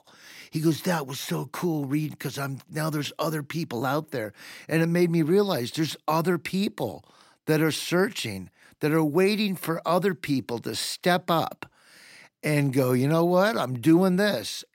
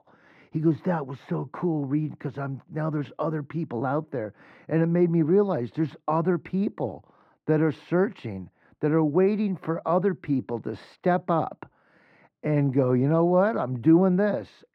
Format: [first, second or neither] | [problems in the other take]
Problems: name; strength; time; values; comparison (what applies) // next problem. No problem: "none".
first | muffled; very; fading above 3.5 kHz